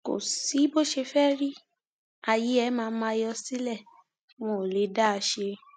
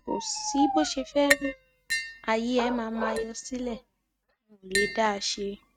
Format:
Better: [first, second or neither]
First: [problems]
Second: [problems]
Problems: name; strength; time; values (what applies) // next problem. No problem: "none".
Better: first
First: none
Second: noise reduction (neural mask model RNNoise)